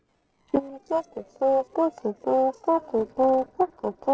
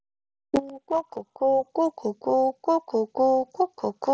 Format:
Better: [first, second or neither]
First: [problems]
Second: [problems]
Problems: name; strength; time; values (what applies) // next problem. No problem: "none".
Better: second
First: noise reduction (neural separator model SepFormer DNS4)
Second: none